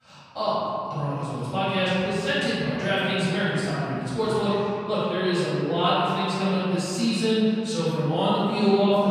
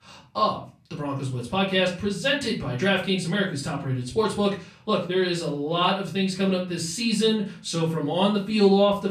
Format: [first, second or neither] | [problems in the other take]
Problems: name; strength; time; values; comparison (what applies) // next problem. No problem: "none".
second | room echo; strong; dies away in 2.6 s; slight in the second // off-mic speech; far; far in the second